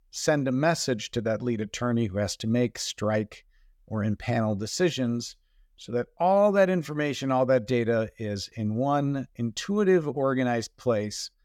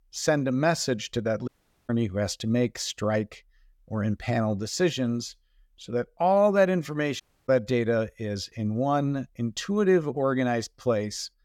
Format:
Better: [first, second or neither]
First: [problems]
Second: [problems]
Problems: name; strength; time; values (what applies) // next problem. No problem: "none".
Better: first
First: none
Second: audio cutting out; at 1.5 s and at 7 s